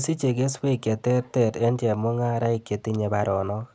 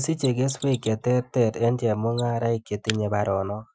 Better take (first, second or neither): first